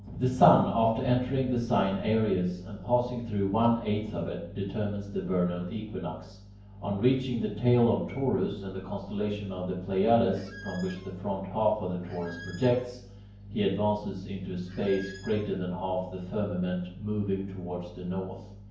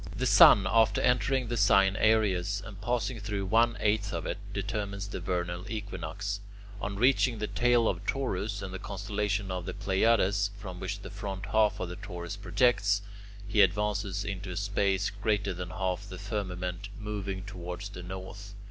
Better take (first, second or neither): second